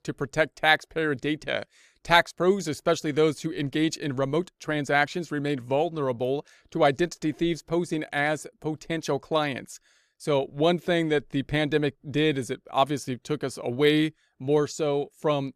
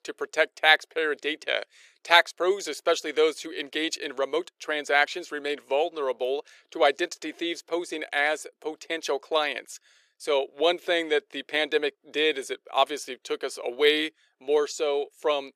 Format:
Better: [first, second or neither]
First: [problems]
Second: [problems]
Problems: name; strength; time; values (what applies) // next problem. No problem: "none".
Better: first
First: none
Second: thin; very; fading below 400 Hz